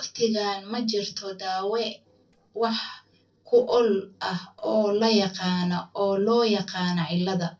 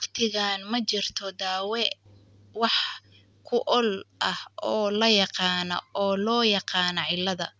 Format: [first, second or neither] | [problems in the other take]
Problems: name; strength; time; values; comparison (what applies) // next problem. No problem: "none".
second | noise reduction (neural separator model SepFormer DNS4)